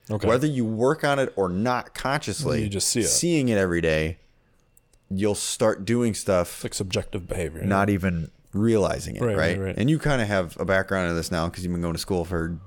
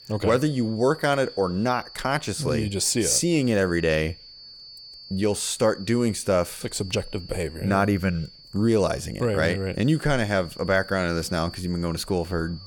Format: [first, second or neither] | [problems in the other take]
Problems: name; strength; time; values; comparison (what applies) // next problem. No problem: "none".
first | high-pitched whine; noticeable; throughout; 4.5 kHz, 20 dB below the speech